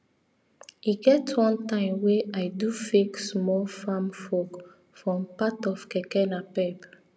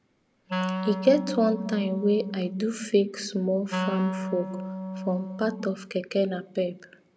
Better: first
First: none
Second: background sound (Wind instrument, woodwind instrument); 6 dB below the speech

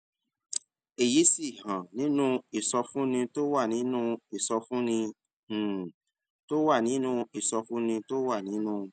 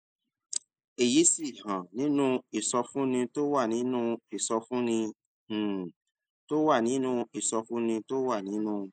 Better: first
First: none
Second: noise reduction (neural mask model Resemble Enhance denoiser)

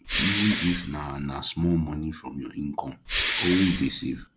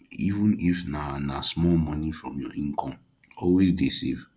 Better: second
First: background sound (Respiratory sounds); 3 dB below the speech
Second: none

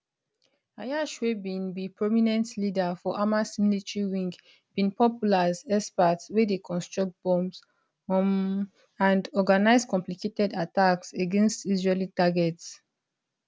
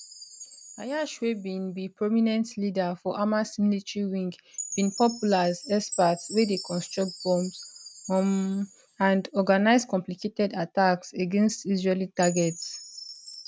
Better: first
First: none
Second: background sound (Chime); 16 dB below the speech

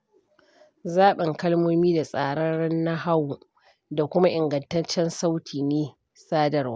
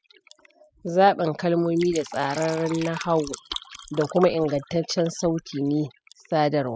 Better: first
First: none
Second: noise reduction (classical method spectral subtraction)

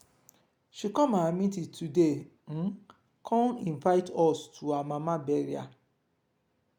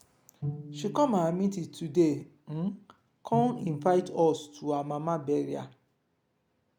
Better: first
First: none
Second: background sound (Bowed string instrument); 13 dB below the speech

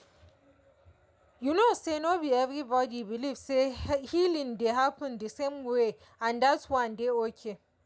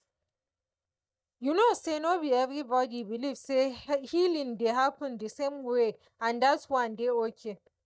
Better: first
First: none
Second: noise reduction (neural mask model DeepFilterNet 3)

